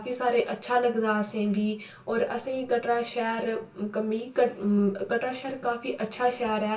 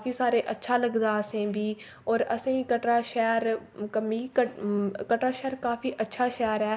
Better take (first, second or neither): second